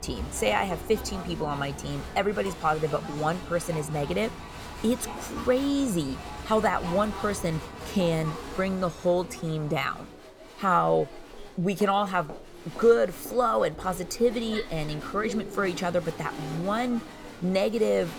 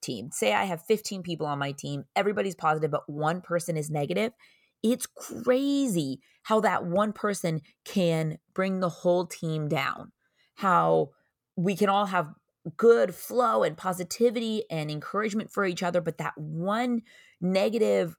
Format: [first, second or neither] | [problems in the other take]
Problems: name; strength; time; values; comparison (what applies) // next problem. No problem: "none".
second | crowd noise; noticeable; throughout; 10 dB below the speech